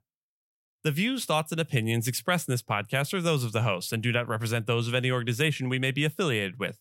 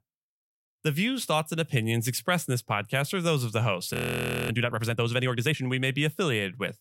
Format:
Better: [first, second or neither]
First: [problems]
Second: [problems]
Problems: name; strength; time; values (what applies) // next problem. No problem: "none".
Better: first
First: none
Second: audio freezing; at 4 s for 0.5 s